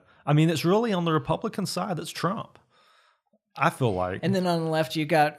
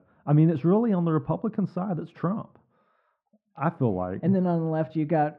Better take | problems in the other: first | muffled; very; fading above 1 kHz

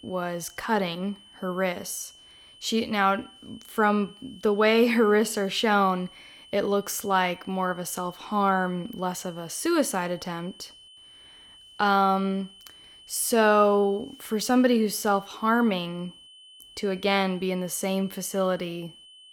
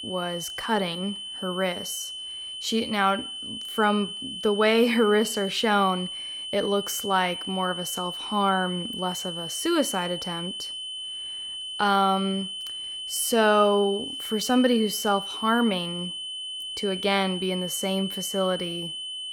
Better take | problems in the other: first | high-pitched whine; loud; throughout; 3 kHz, 7 dB below the speech; faint in the first

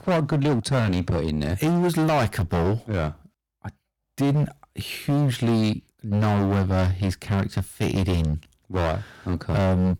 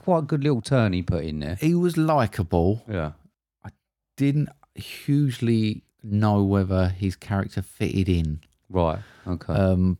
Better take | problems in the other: second | distortion; heavy; 18% of the sound clipped

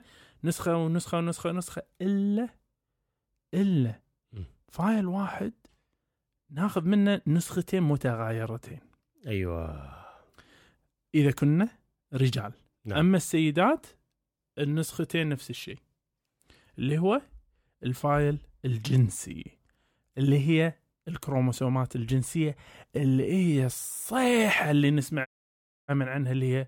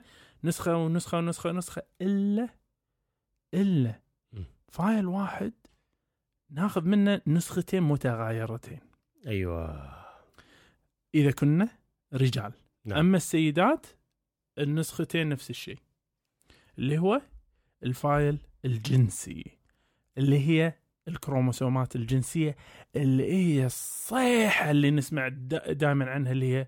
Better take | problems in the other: second | audio cutting out; at 25 s for 0.5 s

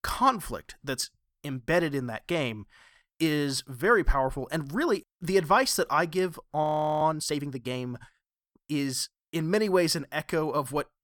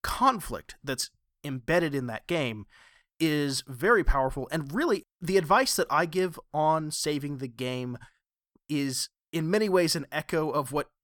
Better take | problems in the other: second | audio freezing; at 6.5 s

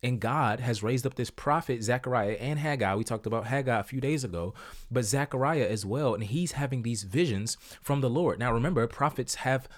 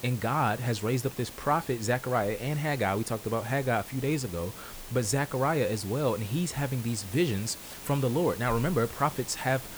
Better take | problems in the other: first | hiss; noticeable; throughout; 15 dB below the speech

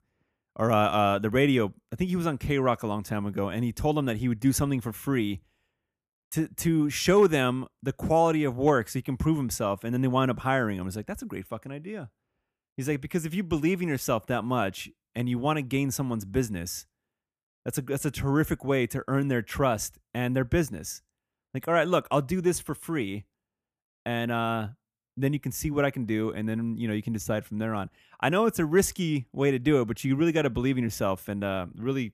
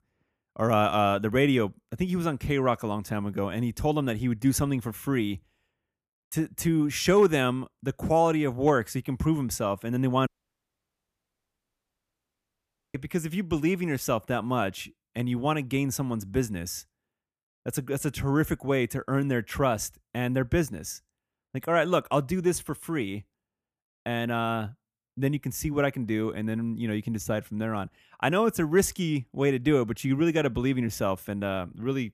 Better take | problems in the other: first | audio cutting out; at 10 s for 2.5 s

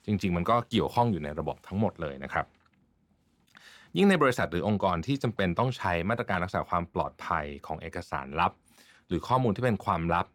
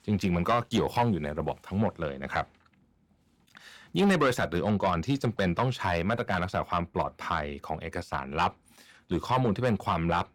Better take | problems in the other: first | distortion; slight; 10 dB below the speech

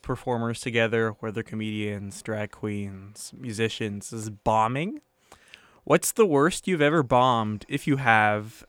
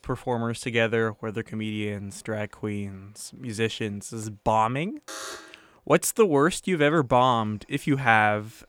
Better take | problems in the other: first | alarm; faint; at 5 s; peak 10 dB below the speech

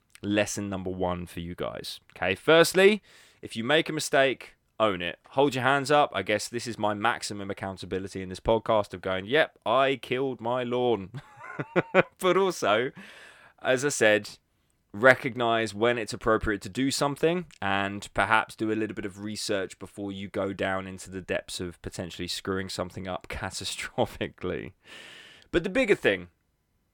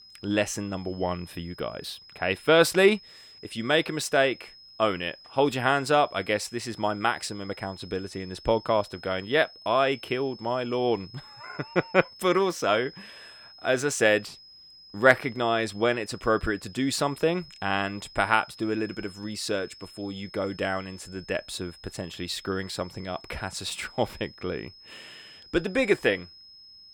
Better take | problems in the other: first | high-pitched whine; faint; throughout; 5 kHz, 20 dB below the speech

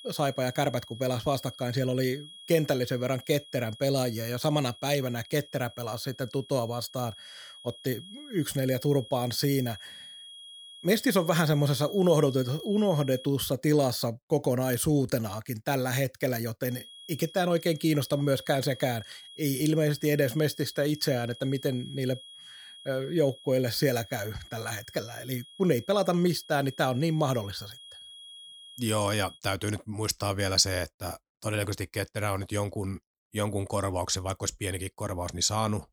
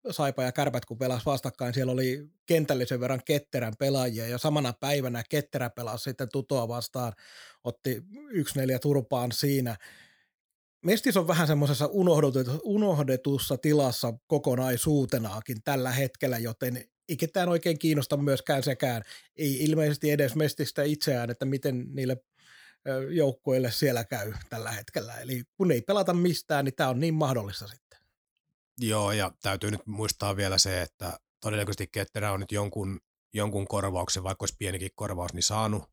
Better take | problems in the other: second | high-pitched whine; noticeable; until 13 s and from 17 to 29 s; 3.5 kHz, 15 dB below the speech

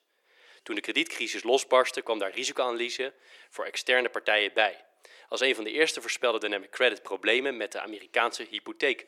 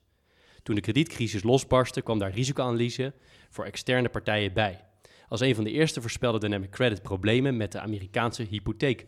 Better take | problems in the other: second | thin; very; fading below 400 Hz

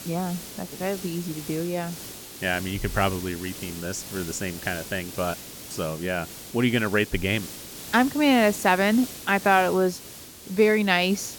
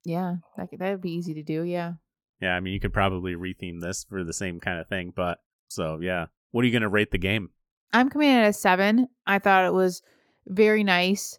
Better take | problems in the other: second | hiss; noticeable; throughout; 10 dB below the speech

